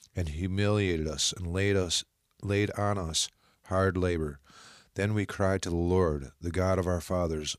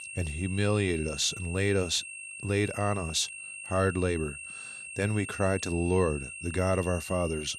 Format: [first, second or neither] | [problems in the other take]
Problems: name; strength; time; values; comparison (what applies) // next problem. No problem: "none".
first | high-pitched whine; loud; throughout; 2.5 kHz, 10 dB below the speech